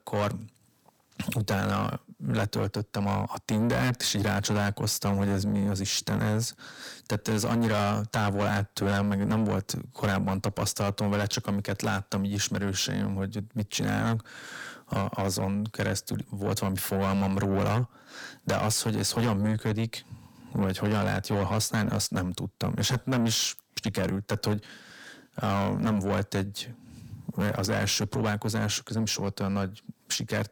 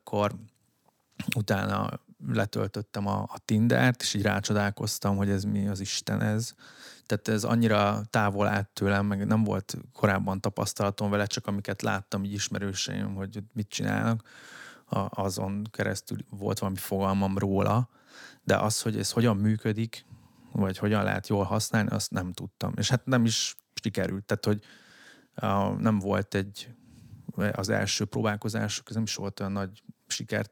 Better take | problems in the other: second | distortion; heavy; 8 dB below the speech

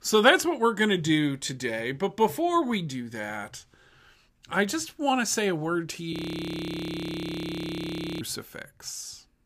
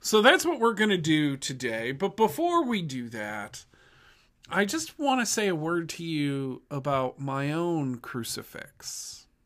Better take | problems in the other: second | audio freezing; at 6 s for 2 s

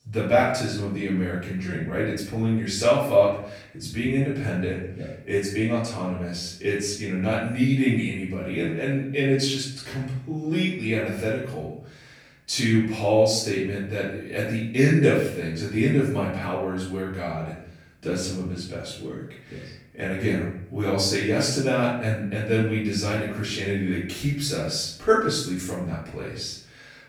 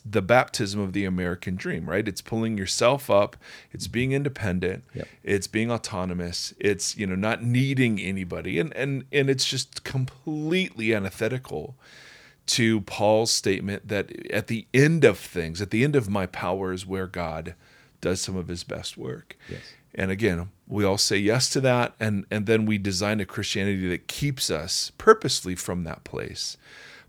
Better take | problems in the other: second | off-mic speech; far // room echo; noticeable; dies away in 0.6 s

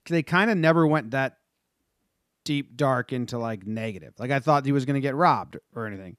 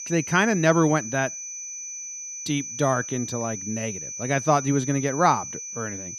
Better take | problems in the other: first | high-pitched whine; loud; throughout; 6 kHz, 8 dB below the speech

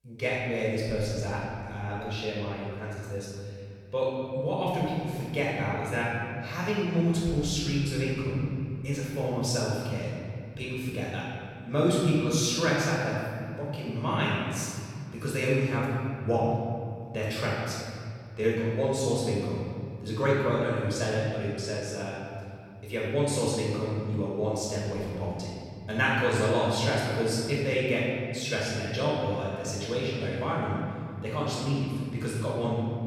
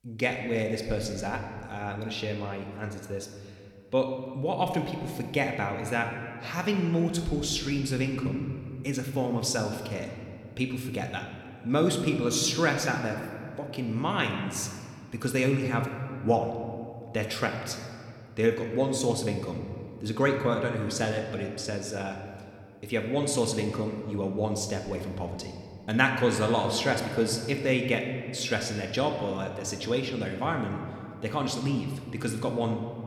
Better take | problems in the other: second | room echo; strong; dies away in 2.7 s; slight in the second // off-mic speech; far

